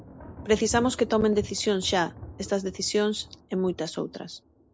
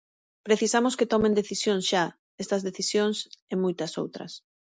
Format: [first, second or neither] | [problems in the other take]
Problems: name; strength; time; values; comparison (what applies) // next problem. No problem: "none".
second | background sound (Thunder); 16 dB below the speech